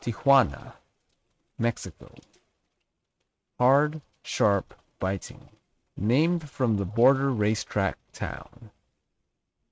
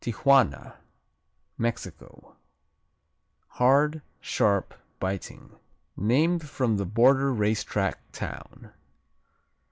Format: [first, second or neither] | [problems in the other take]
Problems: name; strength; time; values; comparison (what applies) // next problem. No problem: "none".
second | noise reduction (neural mask model RNNoise)